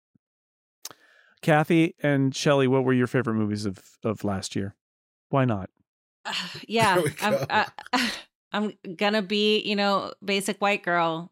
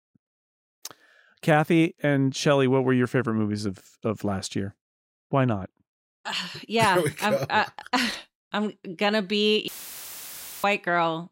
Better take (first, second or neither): first